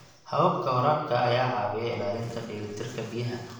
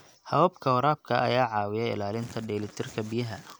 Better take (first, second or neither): second